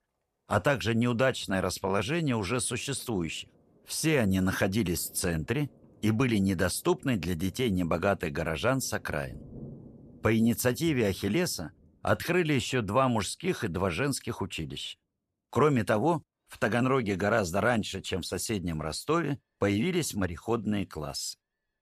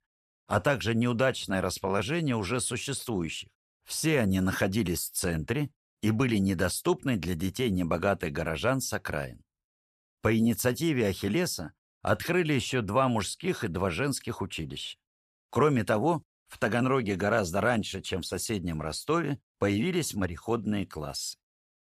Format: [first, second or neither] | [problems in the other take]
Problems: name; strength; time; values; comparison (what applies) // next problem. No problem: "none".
second | rain or running water; faint; throughout; 25 dB below the speech